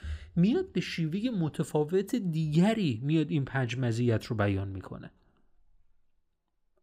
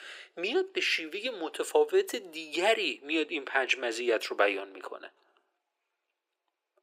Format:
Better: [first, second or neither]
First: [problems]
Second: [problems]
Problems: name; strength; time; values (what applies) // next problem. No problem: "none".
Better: first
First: none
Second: thin; very; fading below 400 Hz